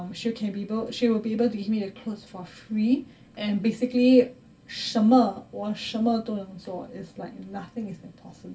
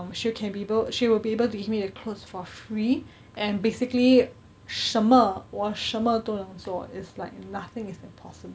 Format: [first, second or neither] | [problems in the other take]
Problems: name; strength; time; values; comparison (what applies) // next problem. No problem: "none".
second | room echo; dies away in 0.2 s